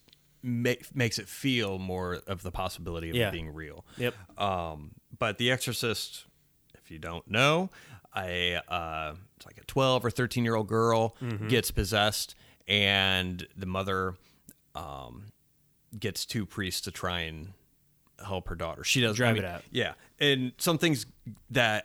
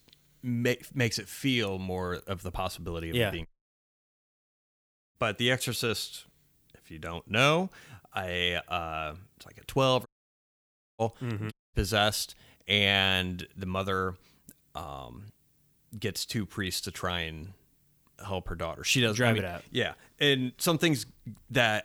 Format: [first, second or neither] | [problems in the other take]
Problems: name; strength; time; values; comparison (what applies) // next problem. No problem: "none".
first | audio cutting out; at 3.5 s for 1.5 s, at 10 s for 1 s and at 12 s